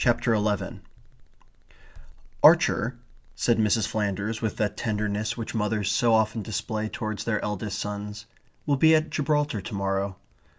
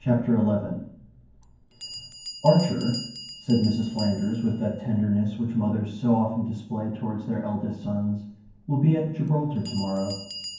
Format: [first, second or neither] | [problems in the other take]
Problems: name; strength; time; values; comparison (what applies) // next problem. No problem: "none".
first | background sound (Bell); 17 dB below the speech // room echo; dies away in 0.9 s